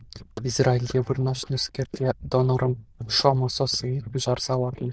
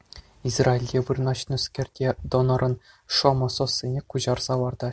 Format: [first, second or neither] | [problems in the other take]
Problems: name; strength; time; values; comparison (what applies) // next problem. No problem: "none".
second | noise reduction (neural diffusion model UNIVERSE++)